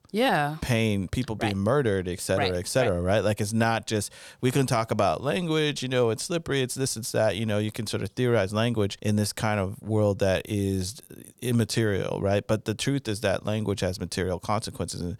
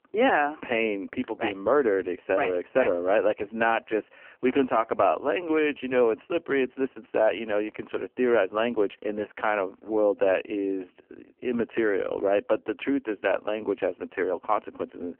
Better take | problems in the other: first | phone-call audio; poor line; nothing above 3 kHz

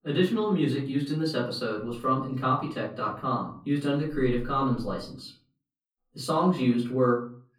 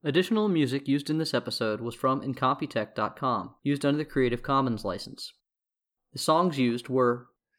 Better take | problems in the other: second | off-mic speech; far // room echo; slight; dies away in 0.4 s

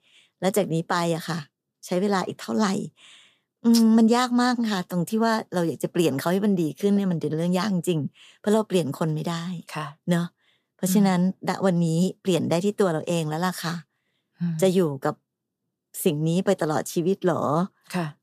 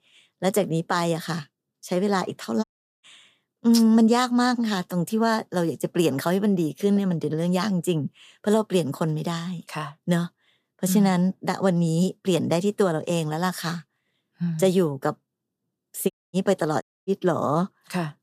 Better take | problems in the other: first | audio cutting out; at 2.5 s, at 16 s and at 17 s

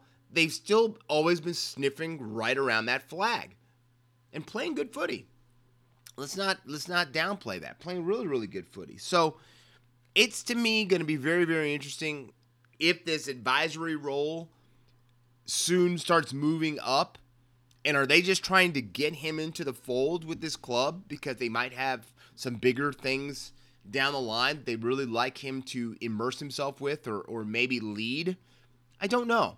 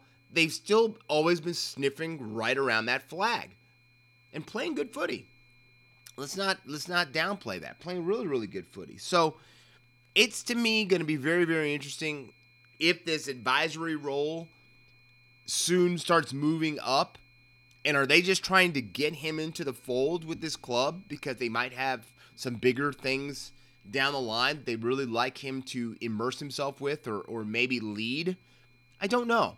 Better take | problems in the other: first | high-pitched whine; faint; throughout; 2.5 kHz, 35 dB below the speech

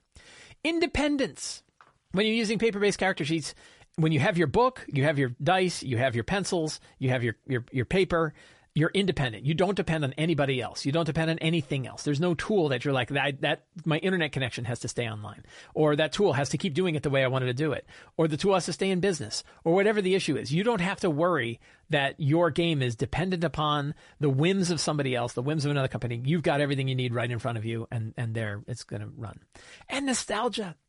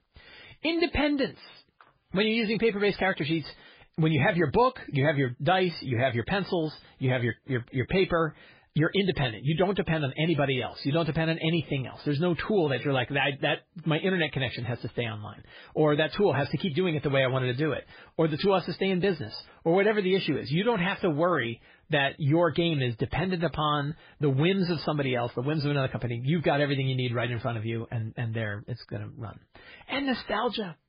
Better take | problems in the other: first | garbled, watery; badly; nothing above 5 kHz; slightly in the first

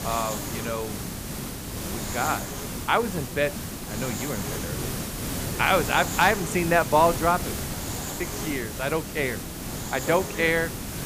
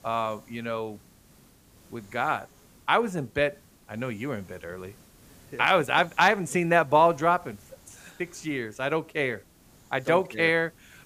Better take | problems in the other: second | hiss; loud; throughout; 6 dB below the speech; faint in the second

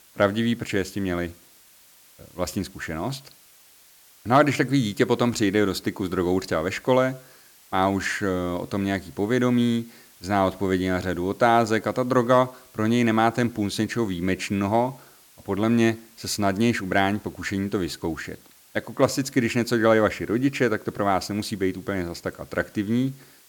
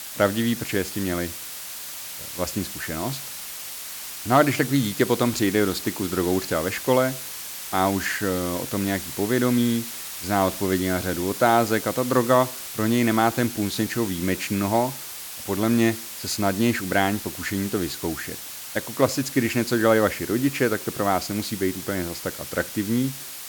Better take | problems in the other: first | hiss; loud; throughout; 8 dB below the speech; faint in the first

